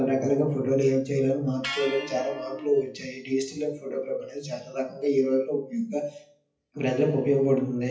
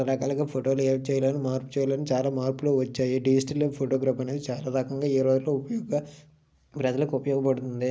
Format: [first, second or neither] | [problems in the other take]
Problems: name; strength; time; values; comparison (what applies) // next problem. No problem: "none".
second | noise reduction (classical method WPE with log-MMSE)